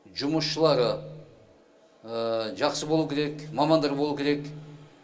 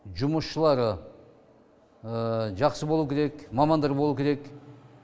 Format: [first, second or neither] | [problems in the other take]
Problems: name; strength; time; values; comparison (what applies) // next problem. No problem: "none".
second | room echo; dies away in 0.2 s